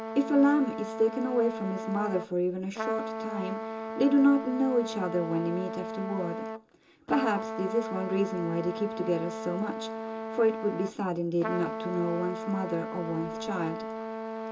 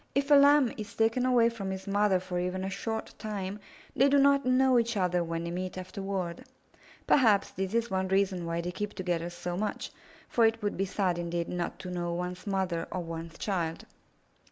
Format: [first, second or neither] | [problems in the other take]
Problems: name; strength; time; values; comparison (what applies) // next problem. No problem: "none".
second | background sound (Trumpet); 7 dB below the speech // room echo; dies away in 0.2 s